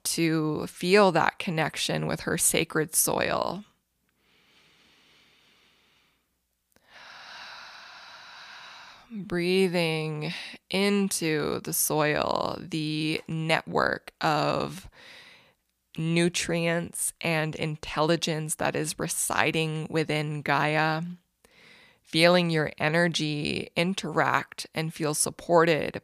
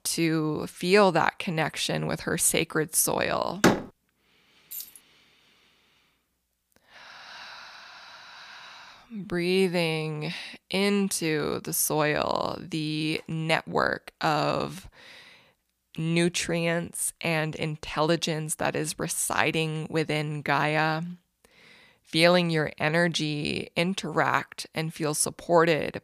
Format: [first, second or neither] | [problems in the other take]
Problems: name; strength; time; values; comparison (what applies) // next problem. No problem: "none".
first | door banging; loud; at 3.5 s; peak 3 dB above the speech // jangling keys; faint; at 4.5 s; peak 10 dB below the speech